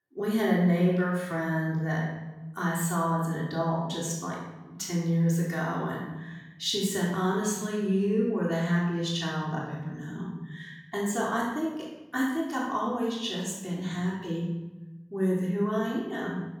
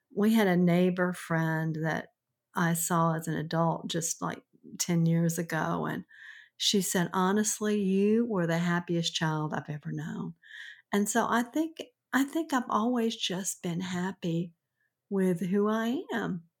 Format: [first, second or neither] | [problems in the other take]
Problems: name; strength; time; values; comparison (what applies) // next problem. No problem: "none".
second | off-mic speech; far // room echo; noticeable; dies away in 1.1 s